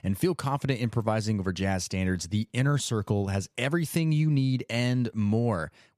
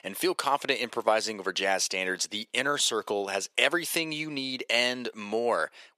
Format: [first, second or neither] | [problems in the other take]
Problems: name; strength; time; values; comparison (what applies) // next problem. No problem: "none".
first | thin; very; fading below 400 Hz